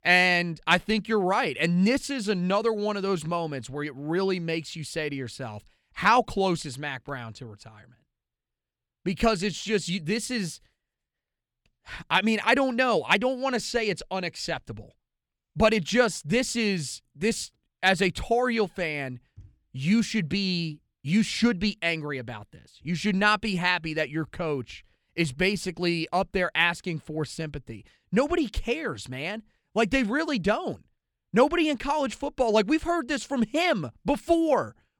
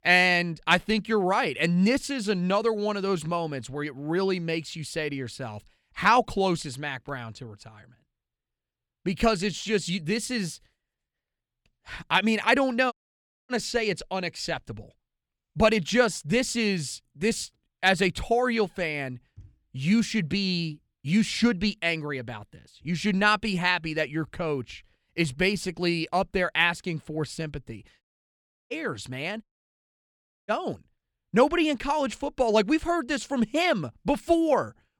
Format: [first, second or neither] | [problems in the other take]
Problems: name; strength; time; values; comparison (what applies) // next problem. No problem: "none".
first | audio cutting out; at 13 s for 0.5 s, at 28 s for 0.5 s and at 29 s for 1 s